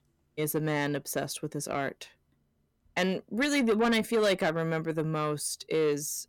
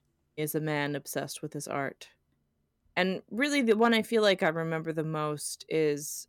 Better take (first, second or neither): second